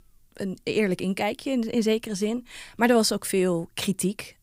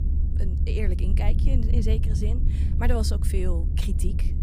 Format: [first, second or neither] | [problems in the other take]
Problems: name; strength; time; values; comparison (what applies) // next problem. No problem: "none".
first | low rumble; loud; throughout; 6 dB below the speech